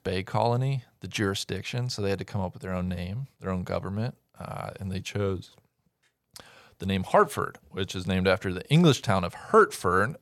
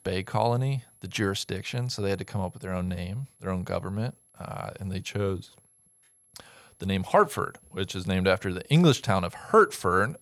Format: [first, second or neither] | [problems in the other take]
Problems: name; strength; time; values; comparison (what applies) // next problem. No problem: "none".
first | high-pitched whine; faint; throughout; 11 kHz, 30 dB below the speech